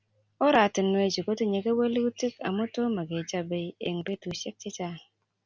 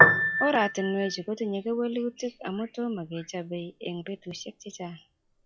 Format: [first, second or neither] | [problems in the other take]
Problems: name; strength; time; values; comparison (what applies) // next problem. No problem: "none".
first | noise reduction (classical method log-MMSE)